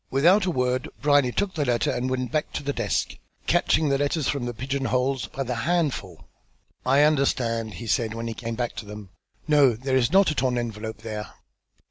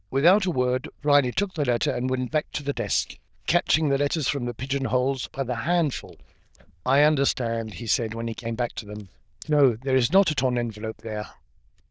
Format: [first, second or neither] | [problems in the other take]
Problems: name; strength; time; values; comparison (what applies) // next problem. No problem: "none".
first | noise reduction (neural diffusion model UNIVERSE++)